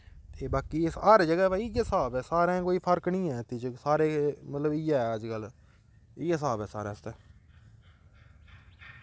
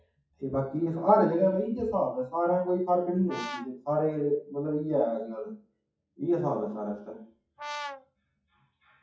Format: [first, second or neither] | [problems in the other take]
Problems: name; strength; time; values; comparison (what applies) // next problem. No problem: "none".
first | noise reduction (classical method WPE with log-MMSE)